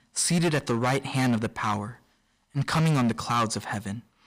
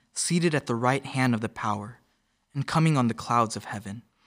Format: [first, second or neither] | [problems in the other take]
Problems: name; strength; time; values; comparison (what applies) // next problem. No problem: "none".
second | distortion; heavy; 12% of the sound clipped